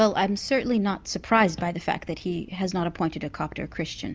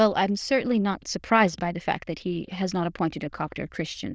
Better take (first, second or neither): first